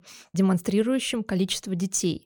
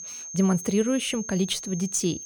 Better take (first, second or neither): first